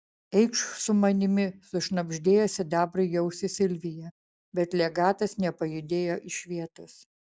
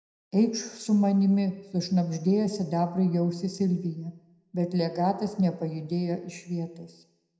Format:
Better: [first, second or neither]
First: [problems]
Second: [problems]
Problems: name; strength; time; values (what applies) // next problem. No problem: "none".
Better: first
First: none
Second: room echo; dies away in 0.7 s